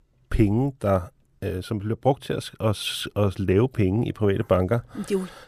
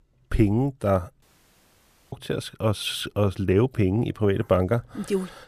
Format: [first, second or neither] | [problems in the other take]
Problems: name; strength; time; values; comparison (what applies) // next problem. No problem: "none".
first | audio cutting out; at 1 s for 1 s